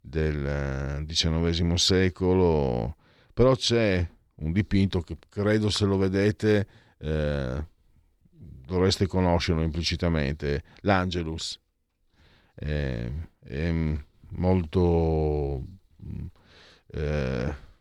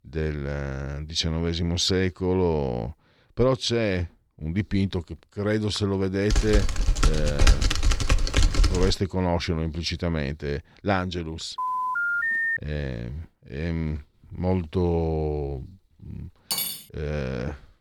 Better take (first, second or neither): first